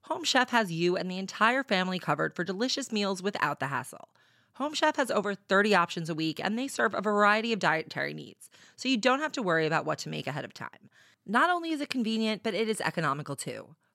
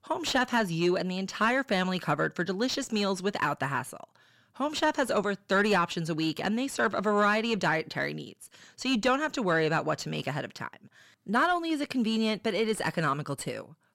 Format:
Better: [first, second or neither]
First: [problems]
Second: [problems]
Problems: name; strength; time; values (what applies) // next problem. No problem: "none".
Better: first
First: none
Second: distortion; slight; 10 dB below the speech